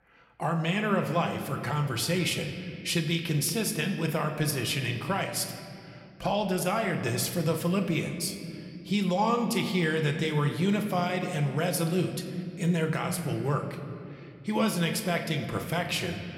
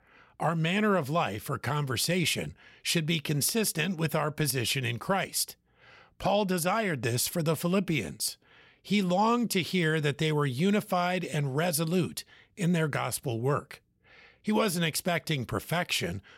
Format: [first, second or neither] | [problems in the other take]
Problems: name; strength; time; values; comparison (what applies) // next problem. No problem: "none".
second | room echo; slight; dies away in 2.2 s